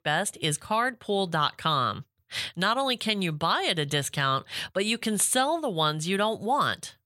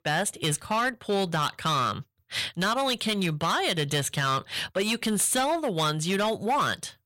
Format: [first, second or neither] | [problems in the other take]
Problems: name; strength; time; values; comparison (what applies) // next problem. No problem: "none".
first | distortion; slight; 11% of the sound clipped